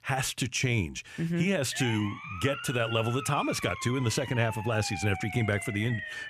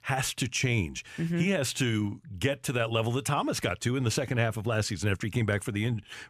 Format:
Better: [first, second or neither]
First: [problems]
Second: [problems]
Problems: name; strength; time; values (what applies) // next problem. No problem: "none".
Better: second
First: siren; noticeable; from 1.5 s on; peak 7 dB below the speech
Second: none